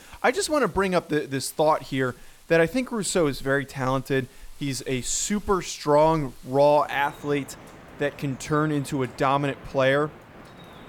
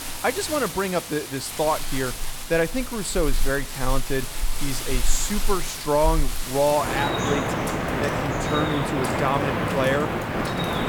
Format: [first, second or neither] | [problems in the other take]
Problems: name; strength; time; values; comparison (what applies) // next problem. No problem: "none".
first | rain or running water; loud; throughout; 2 dB below the speech; faint in the first